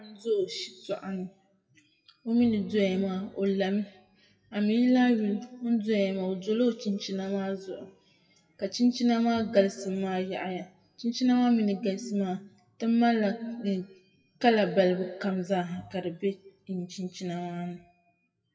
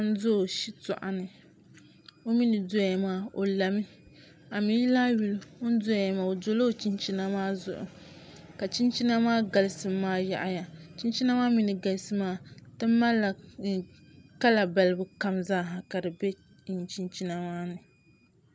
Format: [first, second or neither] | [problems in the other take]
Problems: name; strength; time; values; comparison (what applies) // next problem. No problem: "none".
second | noise reduction (classical method WPE with log-MMSE)